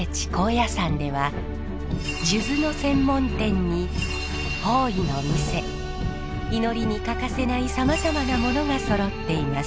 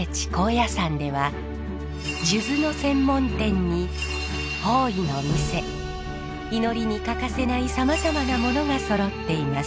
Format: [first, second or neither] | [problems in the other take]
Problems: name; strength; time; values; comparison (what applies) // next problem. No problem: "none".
second | background sound (Car); 8 dB below the speech